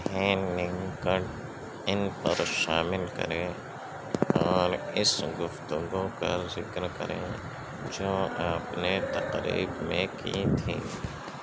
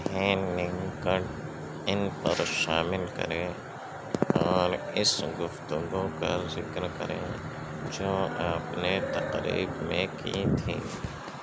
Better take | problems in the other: first | background sound (Bowed string instrument); 14 dB below the speech

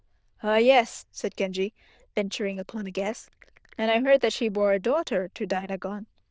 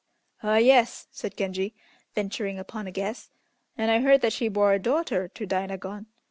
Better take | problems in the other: second | noise reduction (neural diffusion model UNIVERSE++)

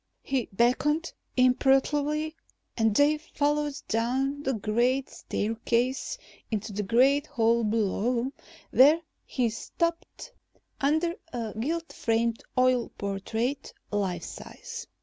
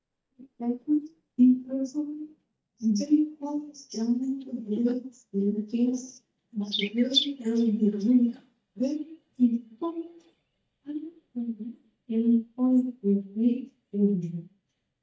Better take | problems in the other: first | noise reduction (neural mask model DeepFilterNet 3)

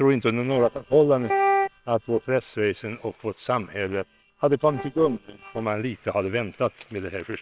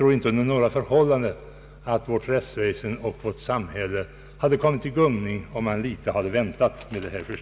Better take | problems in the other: second | noise reduction (neural separator model SepFormer WHAM!)

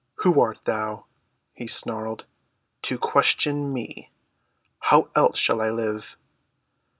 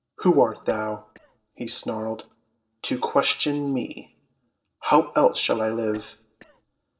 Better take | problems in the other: first | noise reduction (neural separator model SepFormer DNS4)

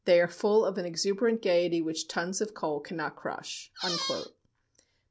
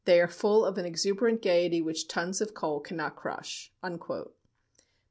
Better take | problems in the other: second | background sound (Squeak); 5 dB below the speech

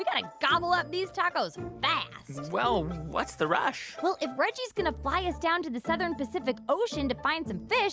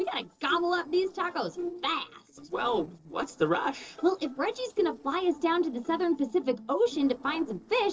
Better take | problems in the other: first | noise reduction (neural separator model SepFormer DNS4)

